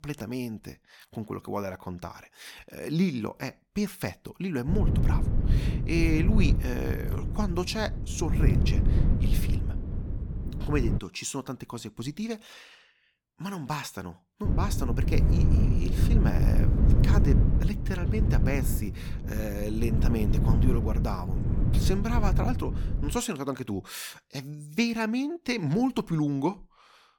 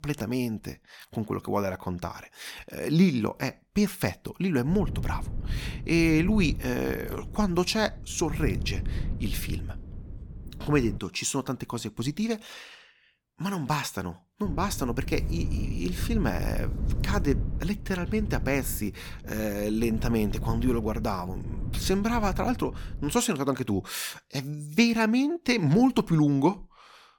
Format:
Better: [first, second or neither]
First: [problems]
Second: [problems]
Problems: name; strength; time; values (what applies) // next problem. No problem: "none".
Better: second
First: wind noise on the microphone; heavy; from 4.5 to 11 s and from 14 to 23 s; 4 dB below the speech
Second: wind noise on the microphone; occasional gusts; from 4.5 to 11 s and from 14 to 23 s; 15 dB below the speech